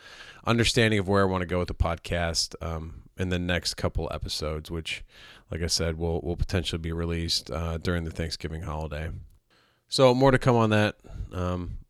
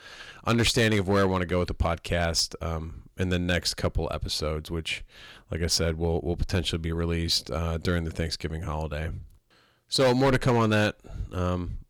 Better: first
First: none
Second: distortion; slight; 3% of the sound clipped

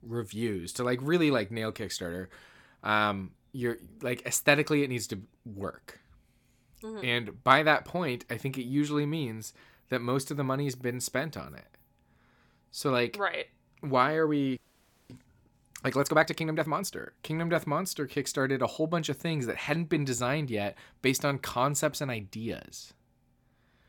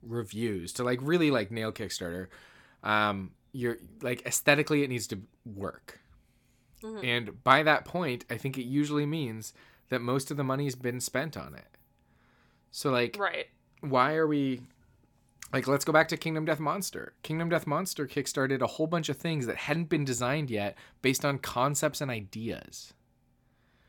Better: second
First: audio freezing; at 15 s for 0.5 s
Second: none

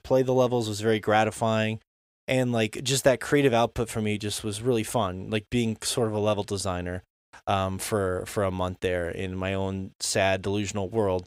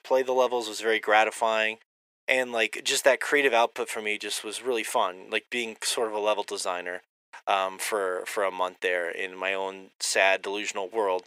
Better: first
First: none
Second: thin; very; fading below 400 Hz

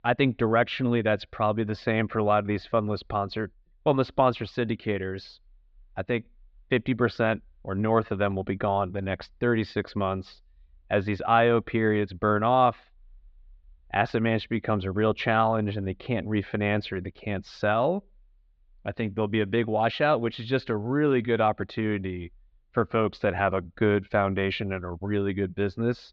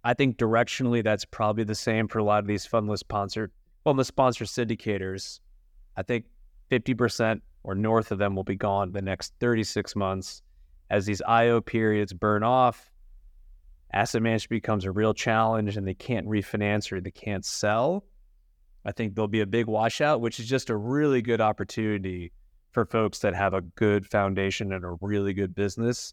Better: second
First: muffled; slightly; fading above 4 kHz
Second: none

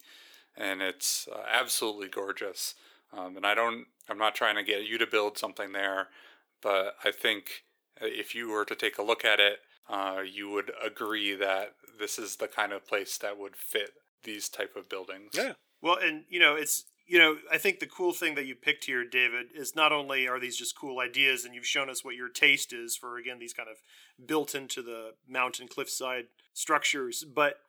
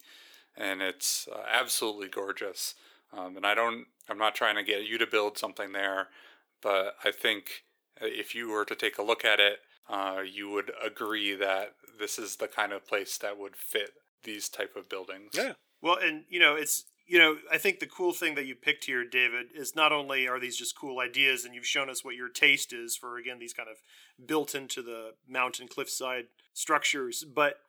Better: neither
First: thin; very; fading below 350 Hz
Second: thin; very; fading below 350 Hz

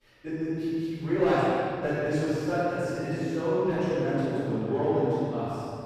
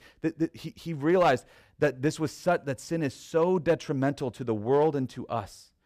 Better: second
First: off-mic speech; far // room echo; strong; dies away in 2.6 s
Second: none

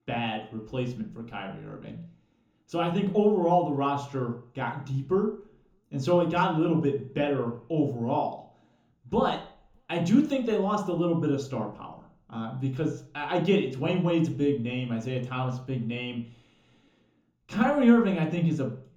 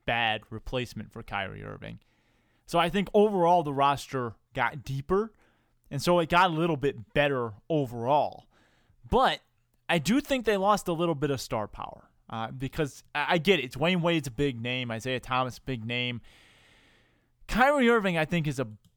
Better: second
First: room echo; slight; dies away in 0.5 s // off-mic speech; far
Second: none

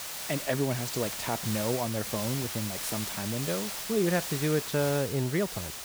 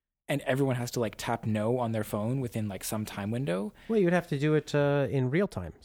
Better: second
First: hiss; loud; throughout; 3 dB below the speech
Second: none

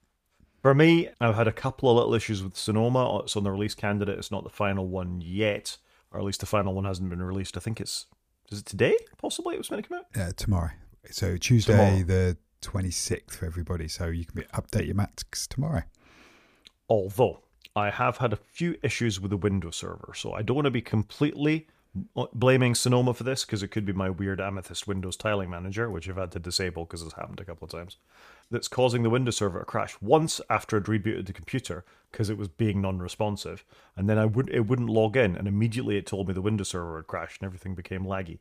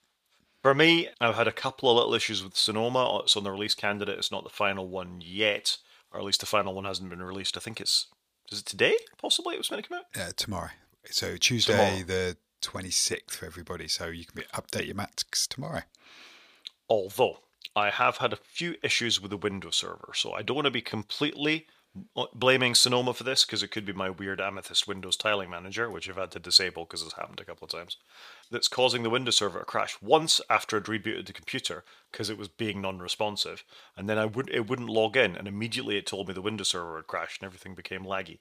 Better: first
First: none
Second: thin; somewhat; fading below 600 Hz

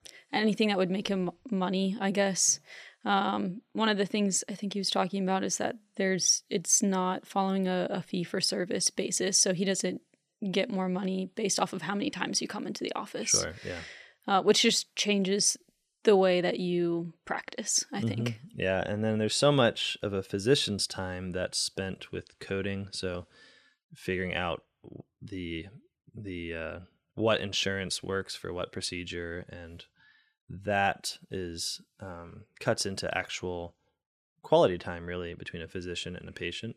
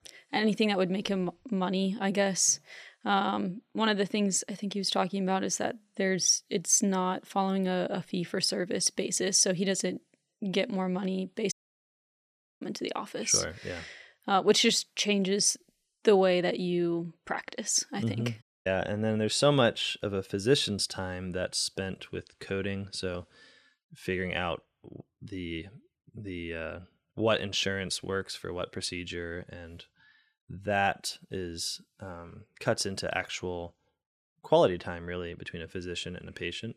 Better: first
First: none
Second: audio cutting out; at 12 s for 1 s and at 18 s

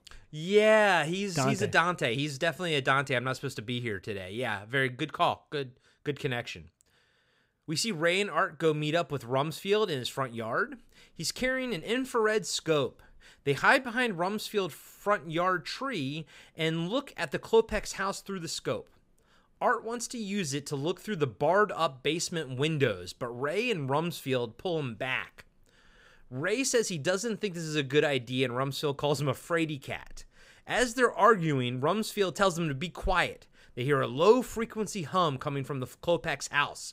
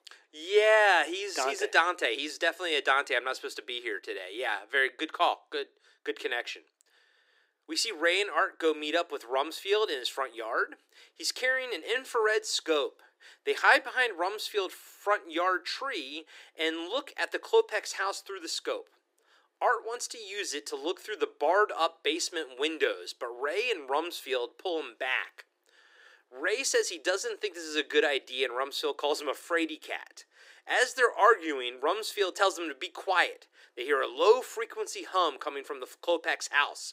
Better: first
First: none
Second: thin; very; fading below 300 Hz

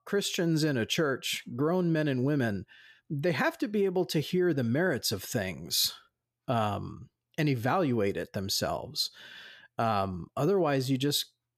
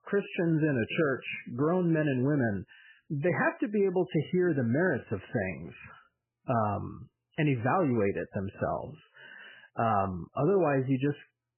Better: first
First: none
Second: garbled, watery; badly; nothing above 3 kHz

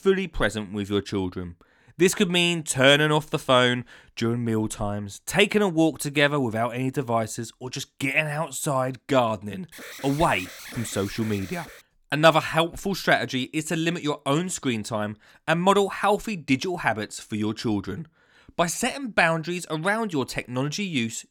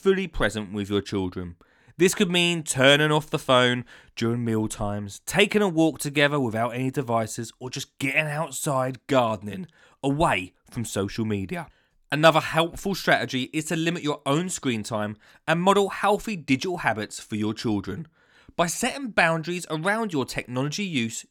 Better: second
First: alarm; faint; from 9.5 to 12 s; peak 15 dB below the speech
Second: none

